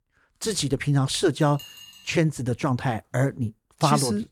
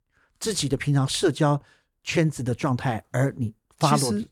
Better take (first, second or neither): second